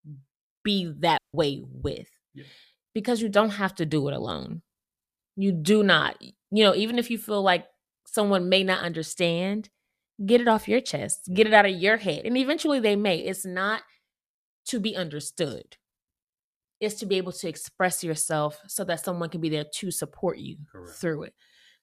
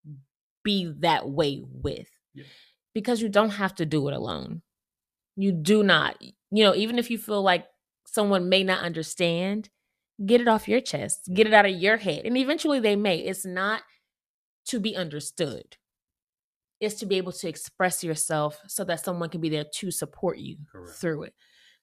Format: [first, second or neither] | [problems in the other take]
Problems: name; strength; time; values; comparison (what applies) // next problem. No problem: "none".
second | audio cutting out; at 1 s